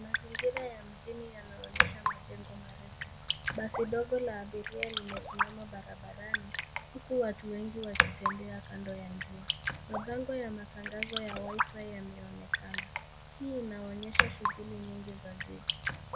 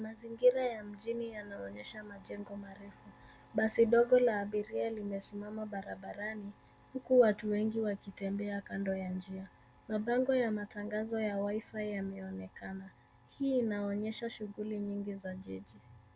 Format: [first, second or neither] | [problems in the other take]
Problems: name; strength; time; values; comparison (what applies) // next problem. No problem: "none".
second | background sound (Raindrop); 3 dB above the speech